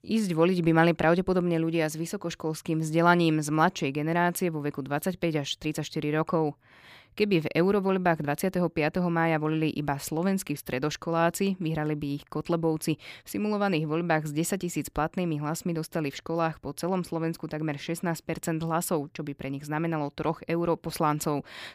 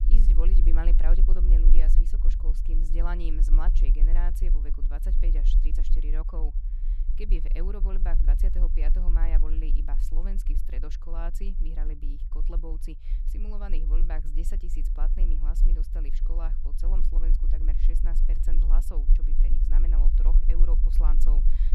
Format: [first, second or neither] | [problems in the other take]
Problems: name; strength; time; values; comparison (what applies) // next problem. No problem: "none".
first | low rumble; loud; throughout; 7 dB below the speech